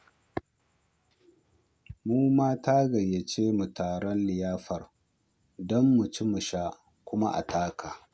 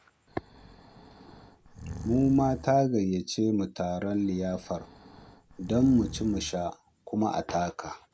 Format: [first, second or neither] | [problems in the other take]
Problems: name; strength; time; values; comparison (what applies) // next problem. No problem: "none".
first | background sound (Breathing); 14 dB below the speech